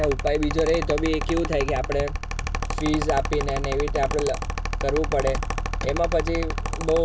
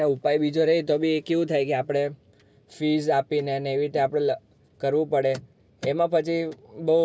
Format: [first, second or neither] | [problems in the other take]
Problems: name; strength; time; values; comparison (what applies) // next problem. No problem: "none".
second | background sound (Mechanical fan); 2 dB below the speech